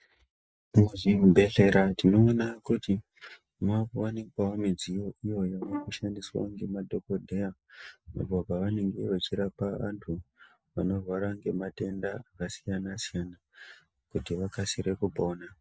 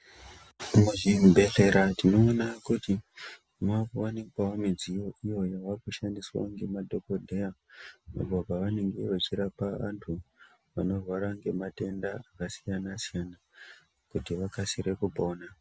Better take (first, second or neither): second